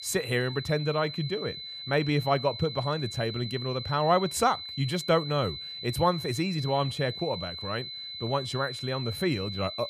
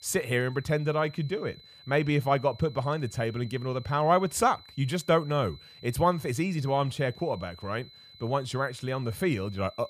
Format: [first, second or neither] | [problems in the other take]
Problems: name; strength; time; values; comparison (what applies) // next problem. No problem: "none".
second | high-pitched whine; loud; throughout; 4 kHz, 8 dB below the speech; faint in the second